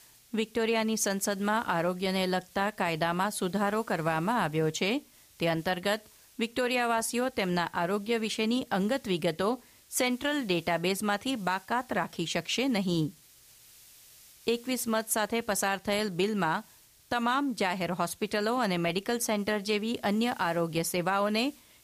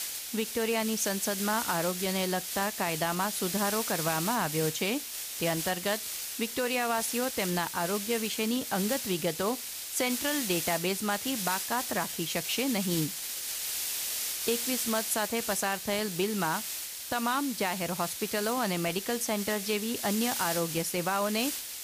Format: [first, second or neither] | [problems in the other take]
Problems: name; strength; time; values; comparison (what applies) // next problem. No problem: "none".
first | hiss; loud; throughout; 3 dB below the speech; faint in the first